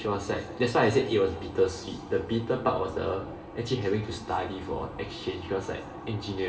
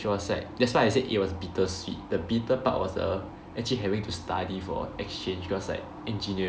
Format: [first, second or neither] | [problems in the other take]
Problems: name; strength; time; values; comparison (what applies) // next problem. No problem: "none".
second | room echo; dies away in 1.6 s